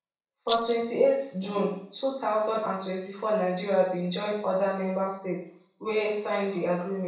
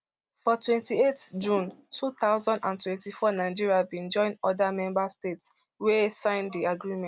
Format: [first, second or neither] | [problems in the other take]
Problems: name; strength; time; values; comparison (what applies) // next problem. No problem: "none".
second | background sound (Rattle); 10 dB below the speech // room echo; dies away in 0.7 s